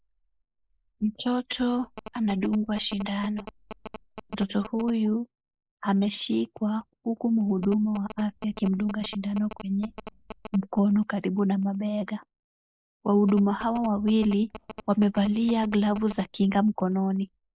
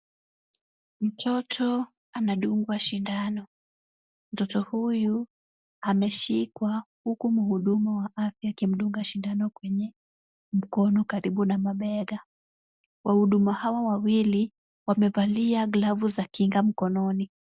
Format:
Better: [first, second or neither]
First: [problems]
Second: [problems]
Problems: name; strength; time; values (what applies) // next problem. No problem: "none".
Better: second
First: noise reduction (neural mask model Resemble Enhance denoiser)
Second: none